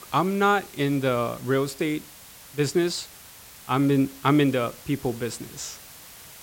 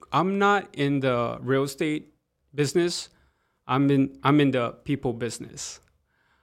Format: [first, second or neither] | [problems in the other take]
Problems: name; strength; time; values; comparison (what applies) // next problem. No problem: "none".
second | hiss; noticeable; throughout; 20 dB below the speech